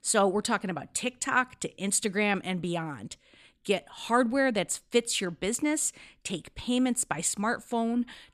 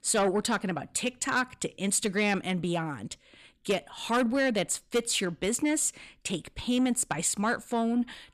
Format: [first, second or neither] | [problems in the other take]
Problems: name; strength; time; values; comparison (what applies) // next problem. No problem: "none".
first | distortion; slight; 10 dB below the speech